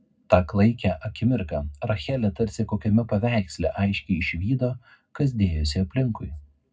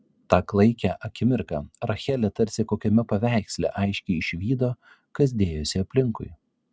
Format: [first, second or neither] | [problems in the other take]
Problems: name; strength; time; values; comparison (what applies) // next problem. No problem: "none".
second | room echo; dies away in 0.3 s